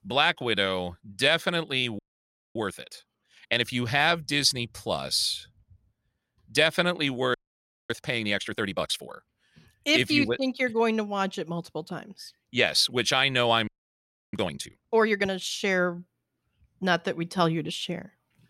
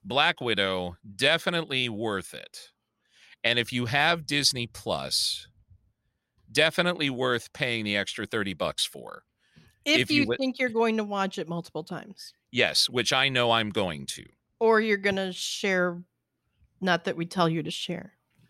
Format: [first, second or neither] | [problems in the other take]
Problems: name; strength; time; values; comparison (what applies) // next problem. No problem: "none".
second | audio freezing; at 2 s for 0.5 s, at 7.5 s for 0.5 s and at 14 s for 0.5 s